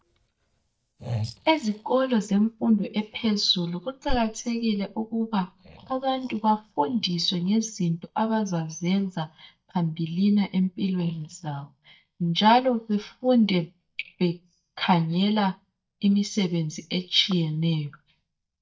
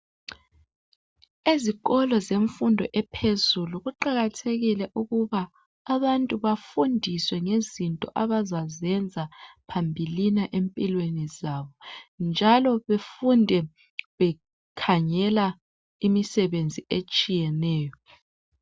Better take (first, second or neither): second